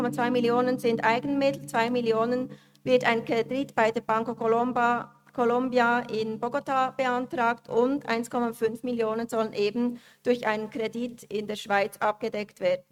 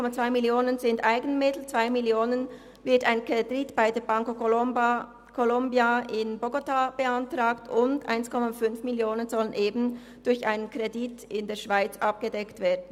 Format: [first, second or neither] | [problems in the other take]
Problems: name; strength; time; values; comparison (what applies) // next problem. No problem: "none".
second | noise reduction (neural mask model RNNoise)